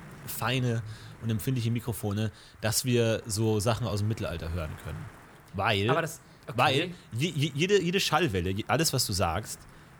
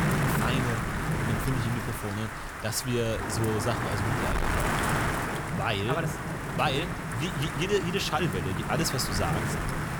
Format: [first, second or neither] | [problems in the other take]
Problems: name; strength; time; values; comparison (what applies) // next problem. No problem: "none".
first | wind noise on the microphone; heavy; 1 dB above the speech; occasional gusts in the first